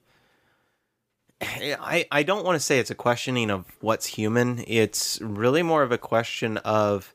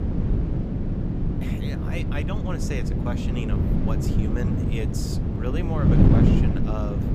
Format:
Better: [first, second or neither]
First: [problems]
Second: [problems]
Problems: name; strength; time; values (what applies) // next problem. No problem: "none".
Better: first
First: none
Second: wind noise on the microphone; heavy; 3 dB above the speech